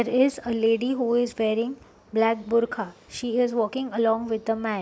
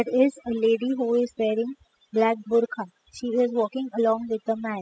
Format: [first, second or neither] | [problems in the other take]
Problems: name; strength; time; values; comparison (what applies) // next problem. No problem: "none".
first | noise reduction (classical method spectral subtraction)